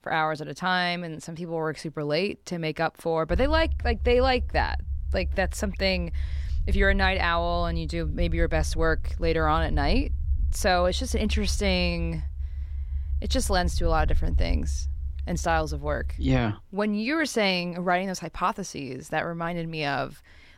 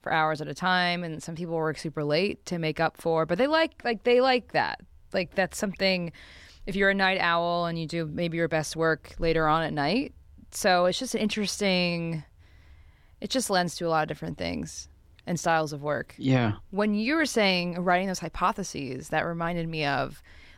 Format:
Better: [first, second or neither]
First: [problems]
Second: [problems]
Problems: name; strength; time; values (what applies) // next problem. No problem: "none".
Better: second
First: low rumble; faint; from 3.5 to 16 s; 25 dB below the speech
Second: none